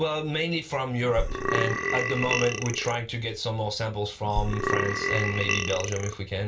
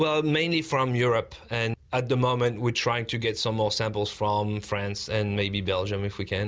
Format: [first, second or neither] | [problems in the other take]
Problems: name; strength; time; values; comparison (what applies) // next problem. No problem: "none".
second | background sound (Burping, eructation); as loud as the speech // room echo; dies away in 0.2 s